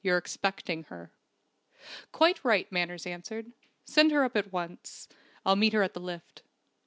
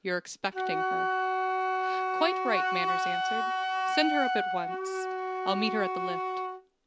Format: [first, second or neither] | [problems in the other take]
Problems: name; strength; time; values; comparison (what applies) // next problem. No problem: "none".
first | background sound (Wind instrument, woodwind instrument); 4 dB above the speech